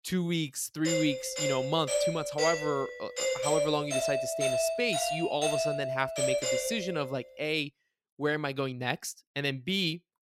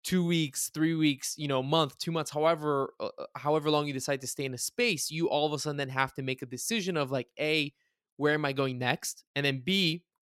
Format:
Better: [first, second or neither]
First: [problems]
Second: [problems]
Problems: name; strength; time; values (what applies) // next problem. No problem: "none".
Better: second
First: doorbell; loud; from 1 to 7 s; peak 4 dB above the speech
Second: none